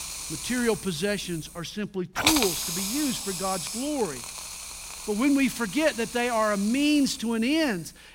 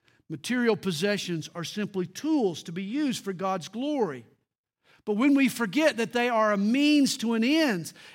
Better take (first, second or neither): second